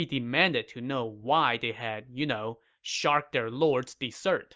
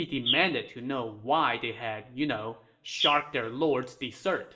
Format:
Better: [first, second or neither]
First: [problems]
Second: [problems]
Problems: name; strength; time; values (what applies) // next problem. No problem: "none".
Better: first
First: none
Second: background sound (Bird); 5 dB below the speech // room echo; dies away in 0.7 s